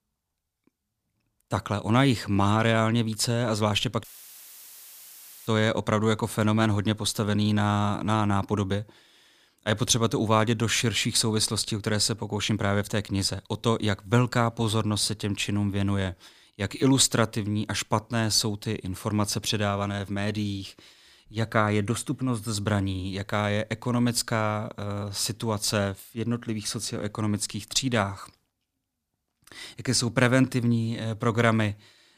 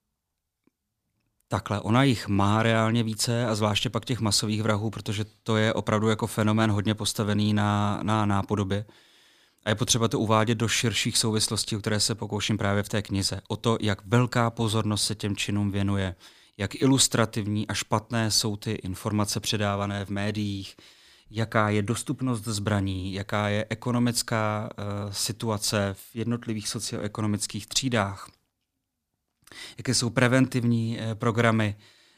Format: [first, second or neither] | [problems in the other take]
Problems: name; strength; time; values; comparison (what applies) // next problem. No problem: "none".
second | audio cutting out; filled with static; at 4 s for 1.5 s